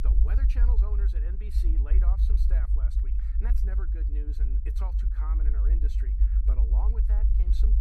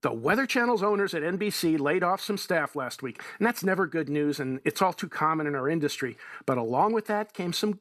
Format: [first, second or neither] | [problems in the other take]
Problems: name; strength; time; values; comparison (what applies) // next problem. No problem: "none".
second | low rumble; loud; throughout; as loud as the speech